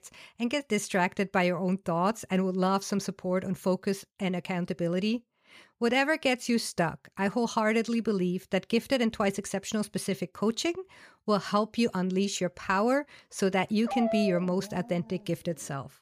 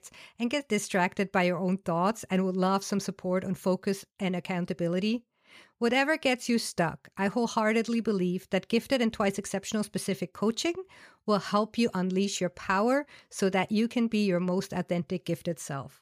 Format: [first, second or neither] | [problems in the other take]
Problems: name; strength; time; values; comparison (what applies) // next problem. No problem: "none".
second | dog barking; noticeable; from 14 to 15 s; peak 3 dB below the speech